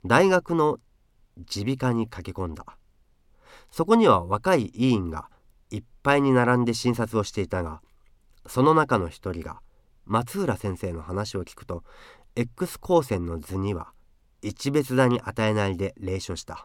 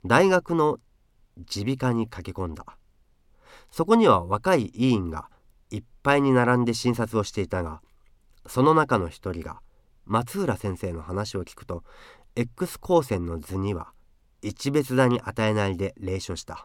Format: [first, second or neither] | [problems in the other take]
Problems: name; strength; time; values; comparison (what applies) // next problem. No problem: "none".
neither | none